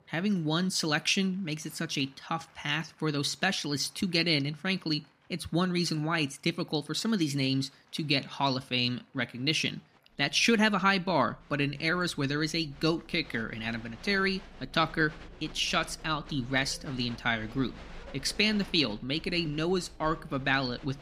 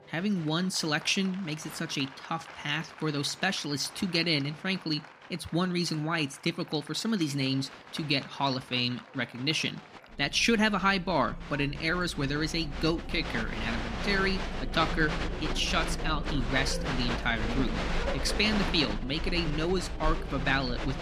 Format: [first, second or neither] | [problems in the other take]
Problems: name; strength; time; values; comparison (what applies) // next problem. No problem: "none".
first | crowd noise; loud; throughout; 7 dB below the speech; faint in the first